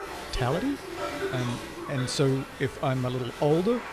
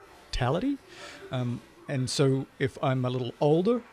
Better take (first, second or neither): second